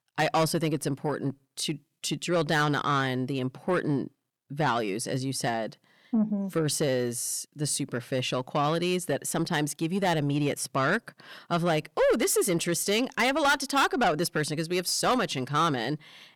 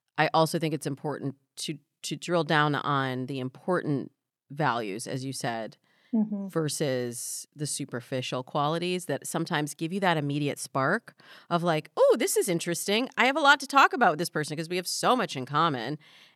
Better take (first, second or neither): second